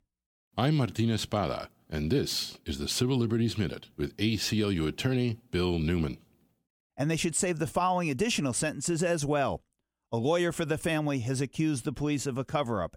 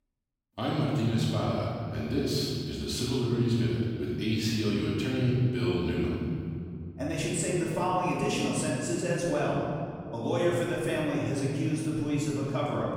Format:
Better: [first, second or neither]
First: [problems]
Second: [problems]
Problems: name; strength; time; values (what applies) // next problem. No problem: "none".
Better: first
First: none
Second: off-mic speech; far // room echo; strong; dies away in 2.4 s